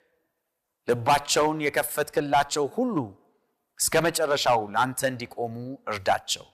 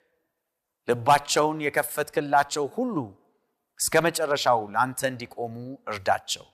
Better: second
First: distortion; slight; 3% of the sound clipped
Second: none

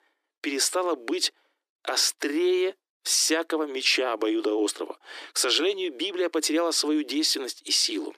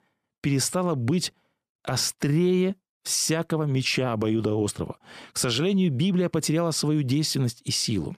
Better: second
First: thin; very; fading below 300 Hz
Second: none

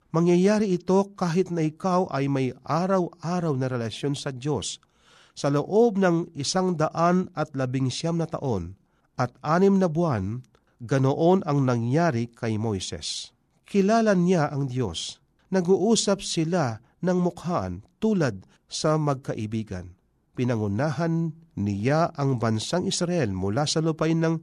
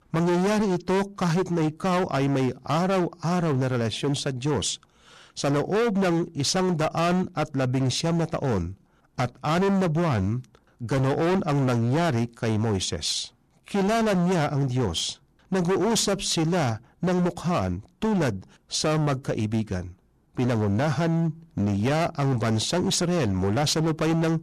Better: first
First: none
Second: distortion; heavy; 24% of the sound clipped

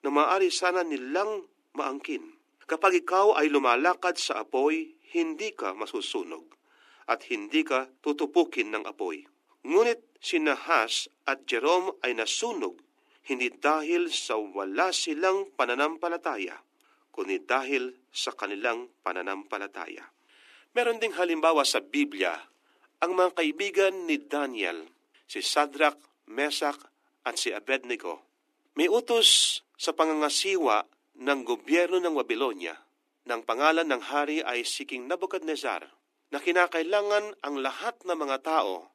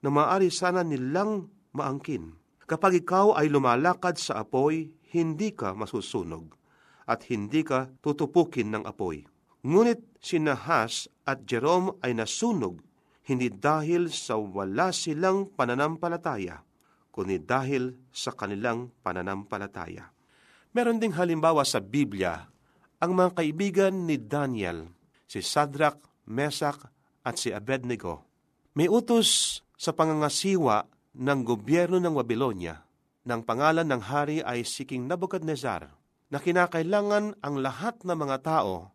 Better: second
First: thin; very slightly; fading below 300 Hz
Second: none

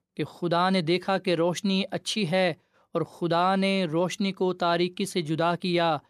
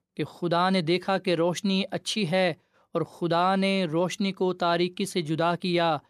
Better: neither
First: none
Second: none

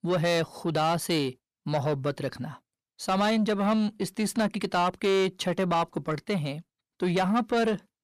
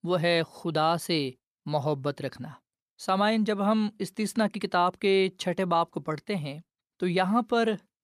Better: second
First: distortion; slight; 10 dB below the speech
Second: none

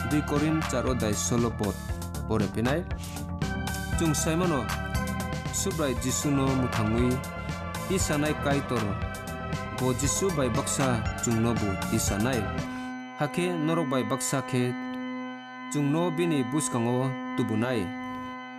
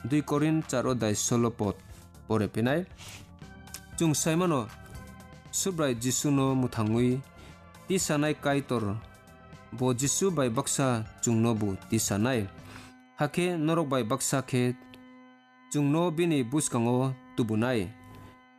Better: second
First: background music; loud; throughout; 5 dB below the speech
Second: background music; faint; throughout; 20 dB below the speech

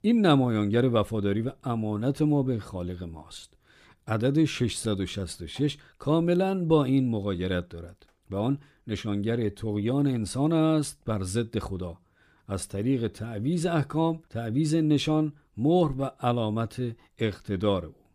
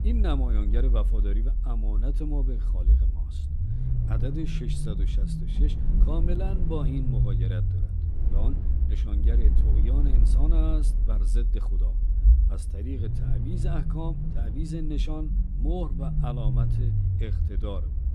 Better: first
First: none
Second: low rumble; loud; throughout; 3 dB below the speech

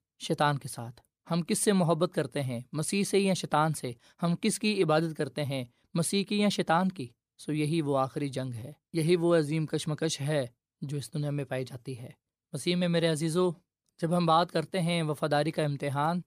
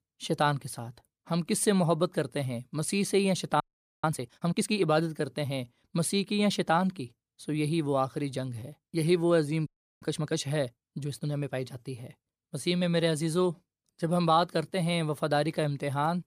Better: first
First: none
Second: audio freezing; at 3.5 s and at 9.5 s

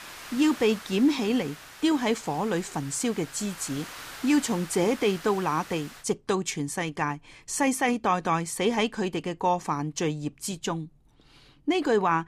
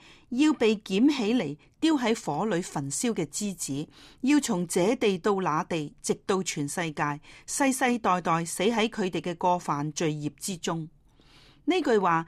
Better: second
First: hiss; noticeable; until 6 s; 15 dB below the speech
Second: none

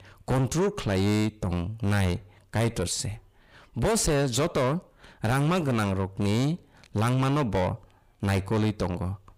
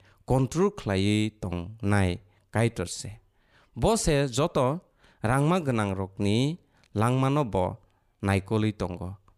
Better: second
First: distortion; heavy; 7 dB below the speech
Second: none

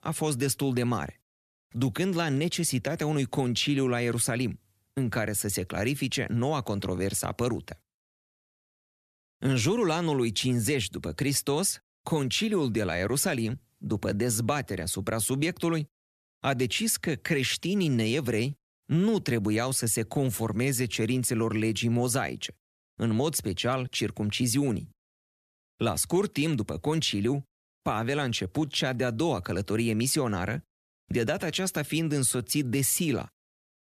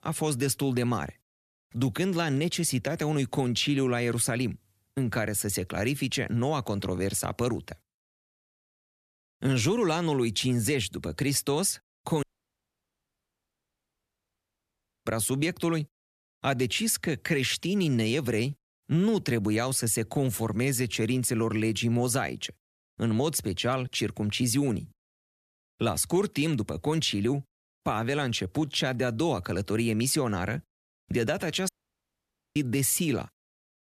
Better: first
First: none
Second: audio cutting out; at 12 s for 3 s and at 32 s for 1 s

